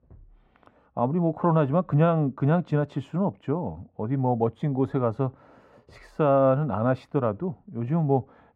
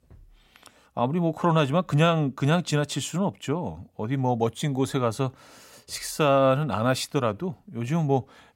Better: second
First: muffled; very; fading above 3 kHz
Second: none

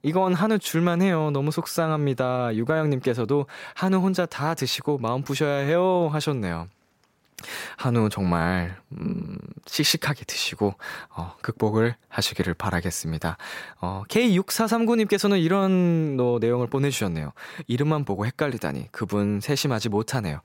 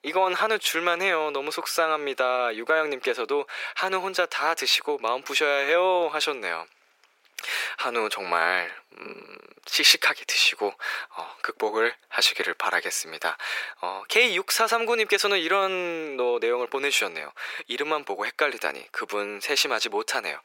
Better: first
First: none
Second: thin; very; fading below 400 Hz

